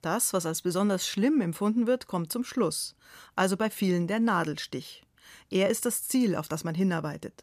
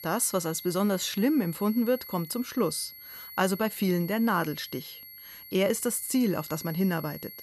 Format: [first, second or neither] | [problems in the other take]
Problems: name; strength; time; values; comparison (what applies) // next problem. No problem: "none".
first | high-pitched whine; noticeable; throughout; 11.5 kHz, 15 dB below the speech